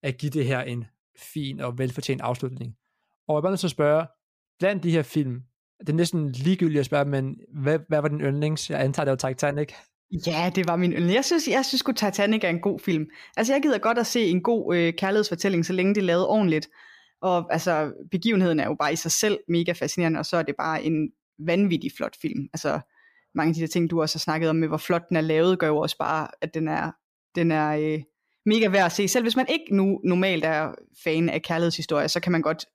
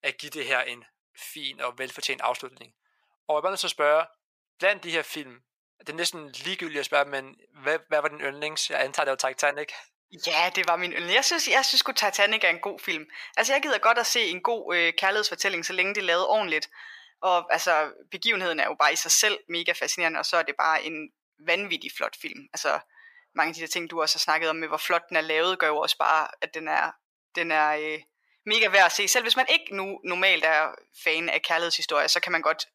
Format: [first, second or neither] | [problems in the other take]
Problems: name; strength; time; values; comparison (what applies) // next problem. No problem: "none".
first | thin; very; fading below 850 Hz